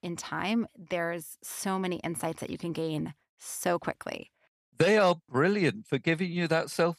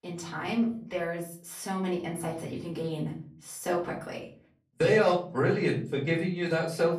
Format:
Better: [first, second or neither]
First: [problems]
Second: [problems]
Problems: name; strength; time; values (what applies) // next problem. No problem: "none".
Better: first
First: none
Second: room echo; slight; dies away in 0.5 s // off-mic speech; far